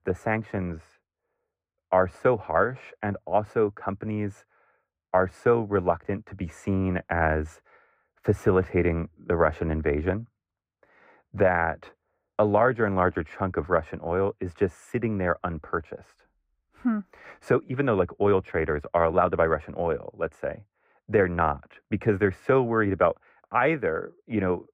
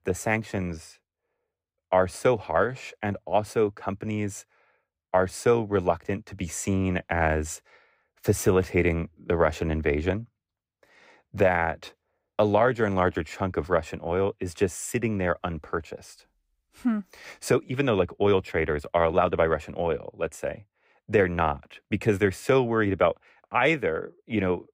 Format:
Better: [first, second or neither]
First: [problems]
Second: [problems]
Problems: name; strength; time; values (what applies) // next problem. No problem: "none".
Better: second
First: muffled; very; fading above 3 kHz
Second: none